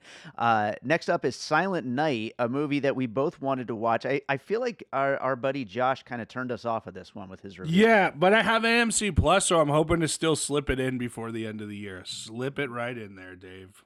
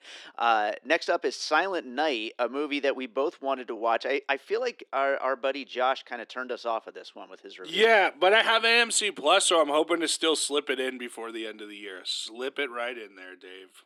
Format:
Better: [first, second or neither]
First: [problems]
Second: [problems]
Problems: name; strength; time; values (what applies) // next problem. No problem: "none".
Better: first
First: none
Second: thin; somewhat; fading below 300 Hz